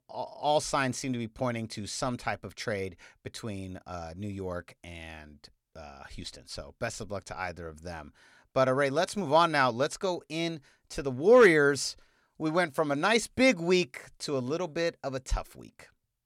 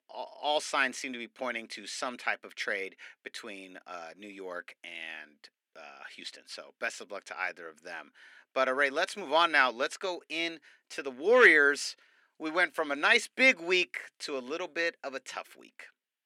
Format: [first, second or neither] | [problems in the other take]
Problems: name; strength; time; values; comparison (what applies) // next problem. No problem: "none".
first | thin; somewhat; fading below 250 Hz